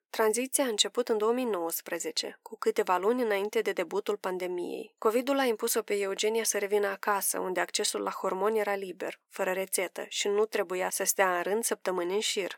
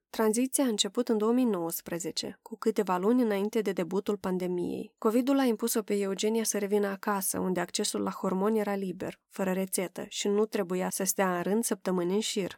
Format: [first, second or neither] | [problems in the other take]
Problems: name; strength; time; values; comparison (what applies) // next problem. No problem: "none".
second | thin; somewhat; fading below 450 Hz